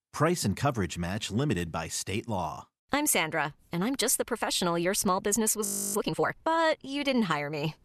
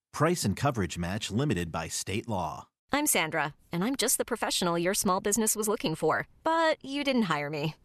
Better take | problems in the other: second | audio freezing; at 5.5 s

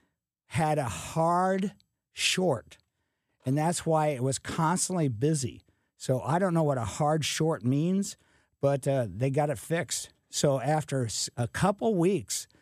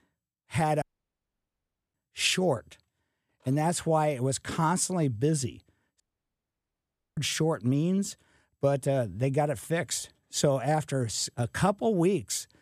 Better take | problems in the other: first | audio cutting out; at 1 s for 1 s and at 6 s for 1 s

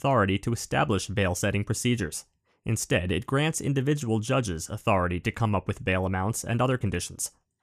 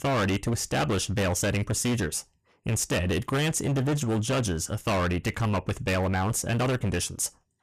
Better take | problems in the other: first | distortion; heavy; 23% of the sound clipped

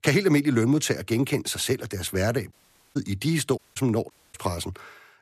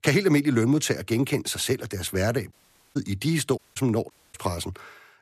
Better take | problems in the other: neither | audio cutting out; at 2.5 s, at 3.5 s and at 4 s; the same in both

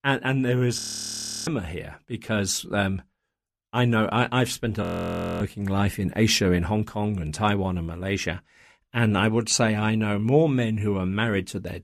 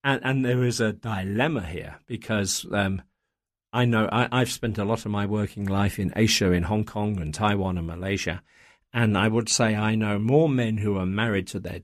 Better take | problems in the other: second | audio freezing; at 1 s for 0.5 s and at 5 s for 0.5 s

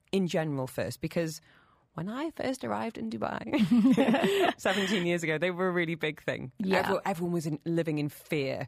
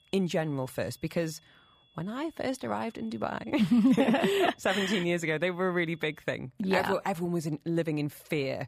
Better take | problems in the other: first | high-pitched whine; faint; until 6 s; 3.5 kHz, 35 dB below the speech

